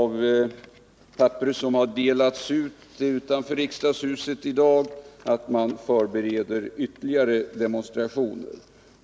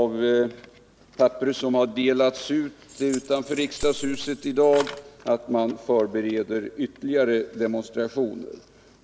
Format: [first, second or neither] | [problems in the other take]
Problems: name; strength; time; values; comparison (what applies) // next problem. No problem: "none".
first | background sound (Keys jangling); 12 dB below the speech